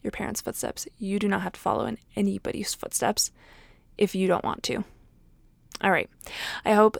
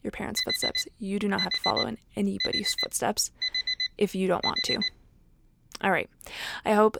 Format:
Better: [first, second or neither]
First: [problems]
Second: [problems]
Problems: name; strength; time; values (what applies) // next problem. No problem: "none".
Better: first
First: none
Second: alarm; loud; until 5 s; peak 3 dB above the speech